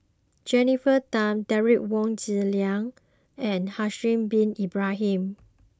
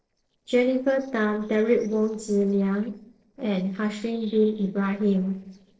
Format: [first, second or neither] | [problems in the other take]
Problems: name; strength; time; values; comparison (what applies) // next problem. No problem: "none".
first | noise reduction (neural separator model SepFormer DNS4)